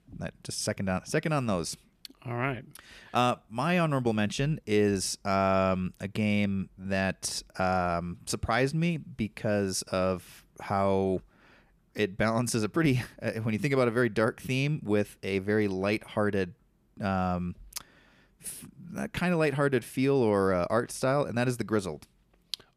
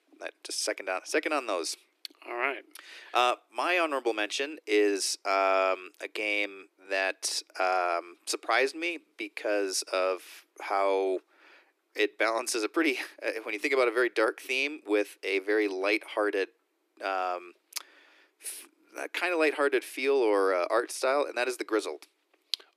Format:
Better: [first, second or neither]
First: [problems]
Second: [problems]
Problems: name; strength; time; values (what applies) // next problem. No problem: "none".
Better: first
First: none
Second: thin; very; fading below 300 Hz